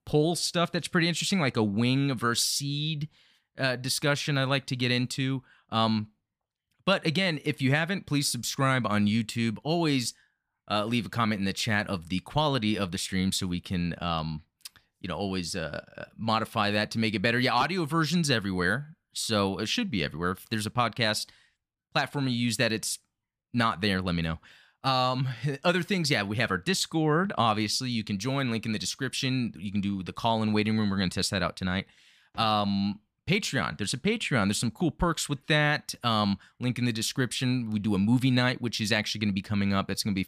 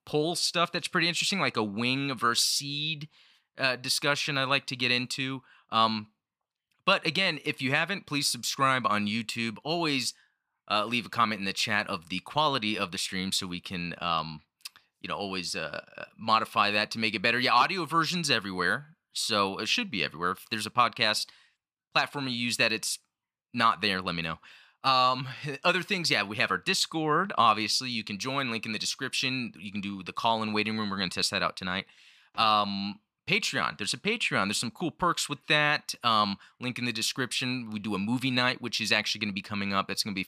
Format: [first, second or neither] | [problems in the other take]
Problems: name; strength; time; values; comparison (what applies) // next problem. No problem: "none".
first | thin; somewhat; fading below 550 Hz